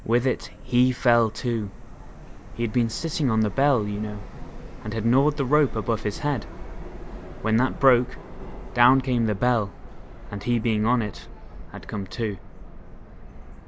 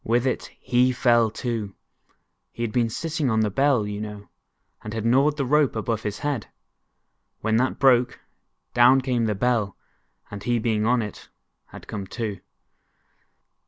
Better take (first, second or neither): second